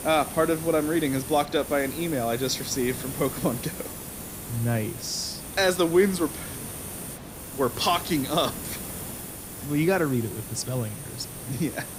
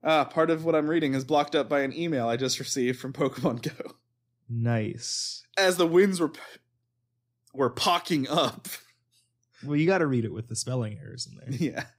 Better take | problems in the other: second | hiss; loud; throughout; 9 dB below the speech

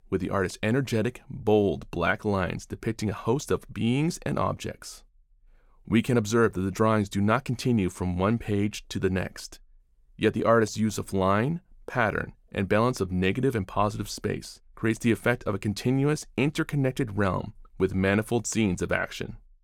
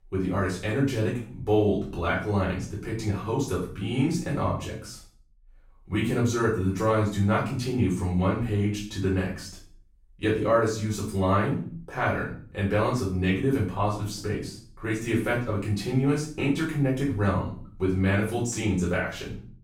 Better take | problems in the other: first | off-mic speech; far // room echo; noticeable; dies away in 0.4 s

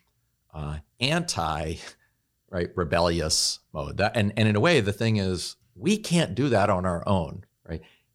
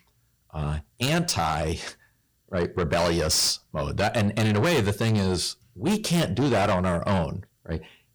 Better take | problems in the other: first | distortion; heavy; 7 dB below the speech

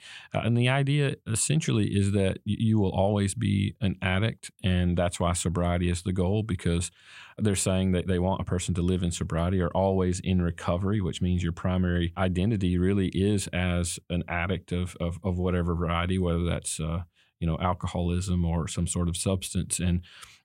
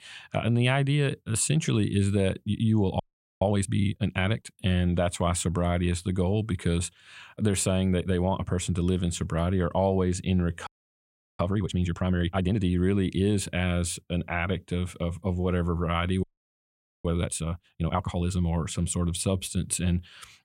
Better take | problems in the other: first | audio freezing; at 3 s, at 11 s for 0.5 s and at 16 s for 1 s

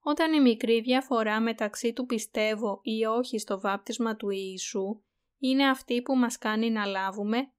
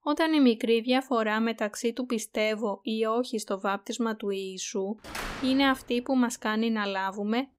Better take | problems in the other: first | door banging; noticeable; at 5 s; peak 8 dB below the speech

